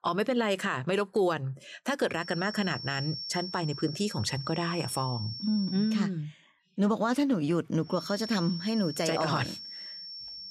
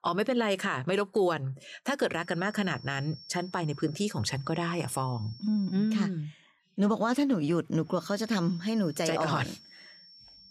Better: second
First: high-pitched whine; loud; from 2 to 6 s and from 8 s on; 5.5 kHz, 9 dB below the speech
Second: high-pitched whine; faint; from 2 to 6 s and from 8 s on; 5.5 kHz, 20 dB below the speech

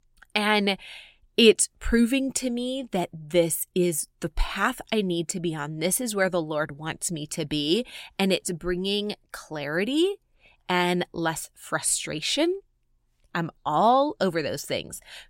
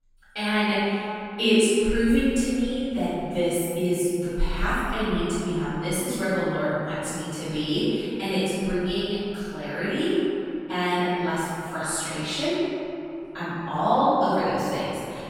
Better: first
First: none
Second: off-mic speech; far // room echo; strong; dies away in 2.9 s

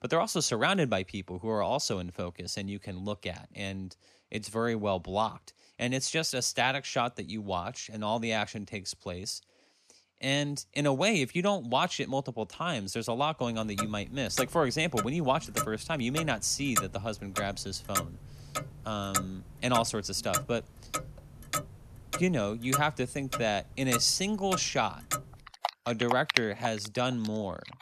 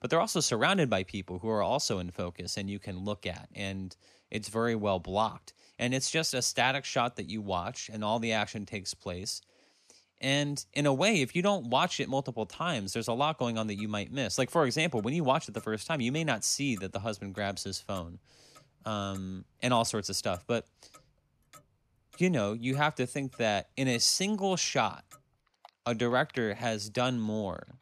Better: second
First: household noises; loud; from 13 s on; 4 dB below the speech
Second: household noises; faint; from 13 s on; 25 dB below the speech

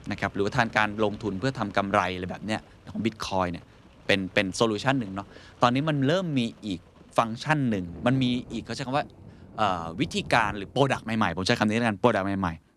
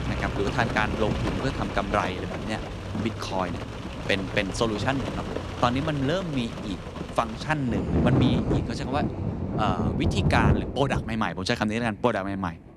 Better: first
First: rain or running water; faint; throughout; 20 dB below the speech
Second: rain or running water; loud; throughout; 1 dB below the speech

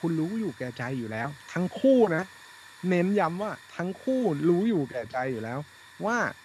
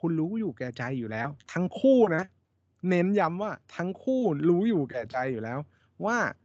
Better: second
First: hiss; faint; throughout; 20 dB below the speech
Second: none

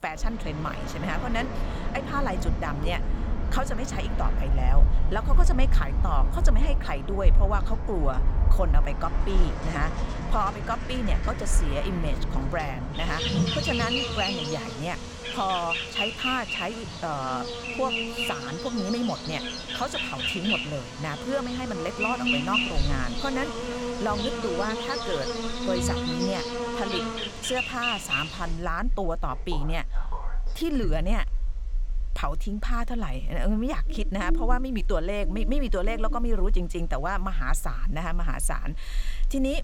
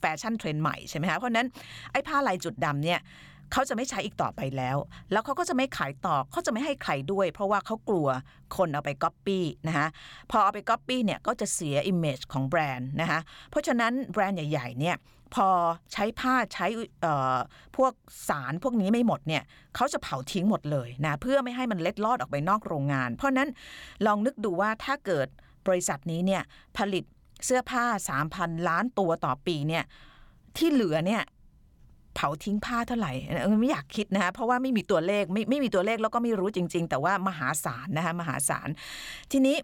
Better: second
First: animal sounds; very loud; throughout; 2 dB above the speech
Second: none

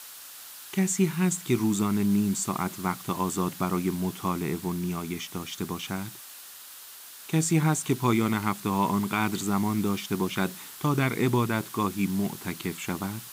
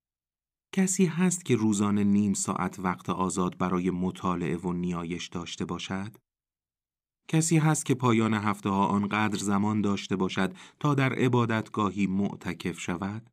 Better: second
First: hiss; noticeable; throughout; 15 dB below the speech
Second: none

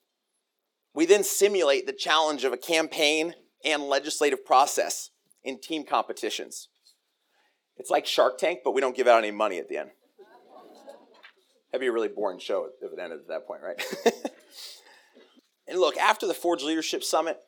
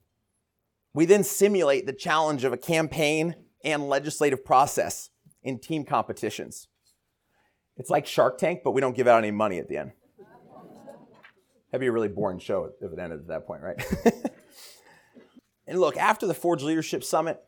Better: second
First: thin; somewhat; fading below 300 Hz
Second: none

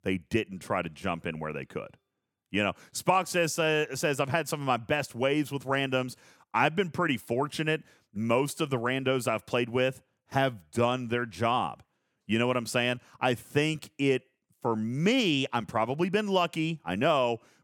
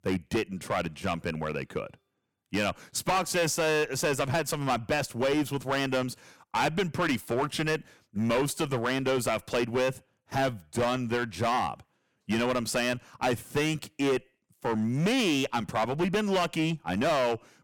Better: first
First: none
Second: distortion; heavy; 12% of the sound clipped

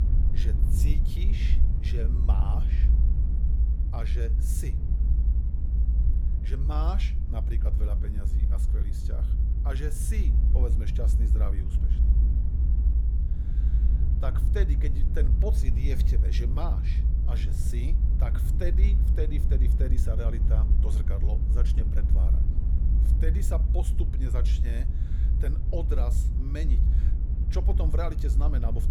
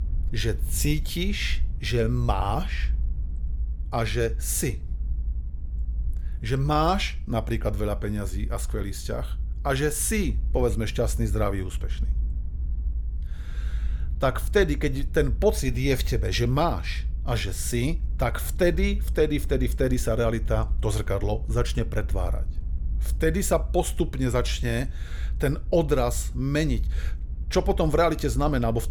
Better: second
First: low rumble; loud; throughout; 4 dB below the speech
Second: low rumble; faint; throughout; 25 dB below the speech

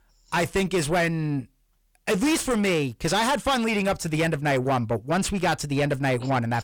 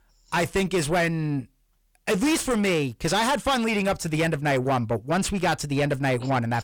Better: neither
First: distortion; heavy; 6 dB below the speech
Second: distortion; heavy; 6 dB below the speech

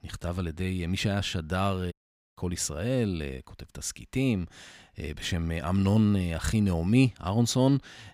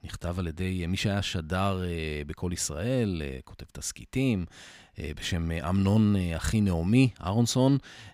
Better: second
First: audio cutting out; at 2 s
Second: none

